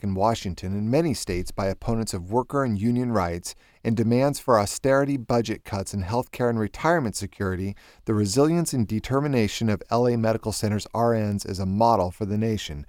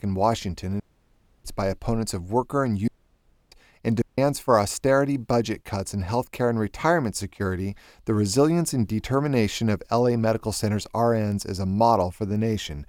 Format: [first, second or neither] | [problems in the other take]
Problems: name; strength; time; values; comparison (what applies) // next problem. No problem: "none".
first | audio cutting out; at 1 s for 0.5 s, at 3 s for 0.5 s and at 4 s